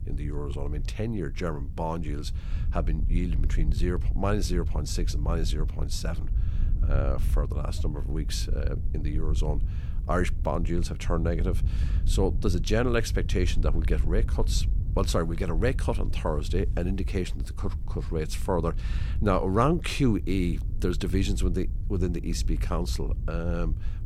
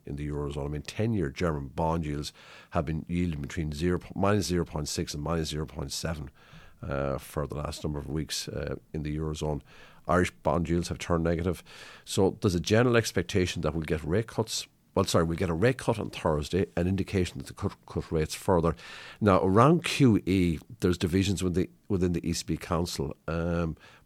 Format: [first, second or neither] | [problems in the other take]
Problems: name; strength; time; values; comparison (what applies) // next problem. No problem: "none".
second | wind noise on the microphone; occasional gusts; 15 dB below the speech